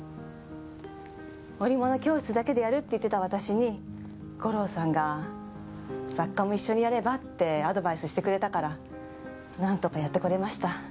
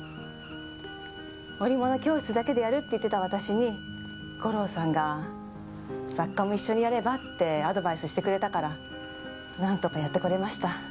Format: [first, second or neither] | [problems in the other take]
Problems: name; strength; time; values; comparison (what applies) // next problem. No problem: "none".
first | background sound (Bowed string instrument); 17 dB below the speech